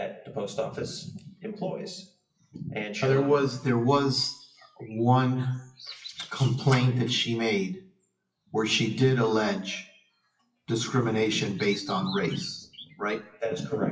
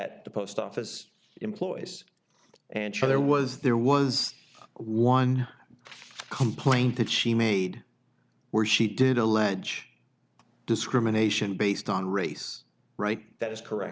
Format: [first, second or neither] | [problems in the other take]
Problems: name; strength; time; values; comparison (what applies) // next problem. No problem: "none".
second | noise reduction (classical method WPE with log-MMSE)